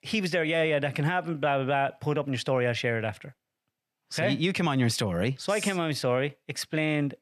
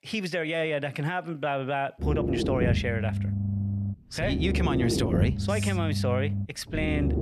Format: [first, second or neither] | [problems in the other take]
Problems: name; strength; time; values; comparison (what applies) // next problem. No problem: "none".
first | low rumble; loud; from 2 s on; 6 dB below the speech